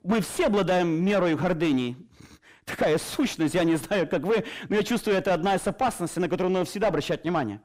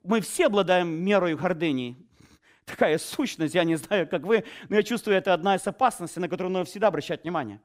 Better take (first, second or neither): second